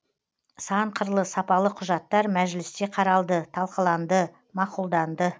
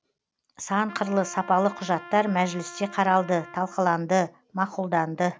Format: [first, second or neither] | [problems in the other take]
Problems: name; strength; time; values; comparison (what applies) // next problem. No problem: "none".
first | background sound (Trumpet); 18 dB below the speech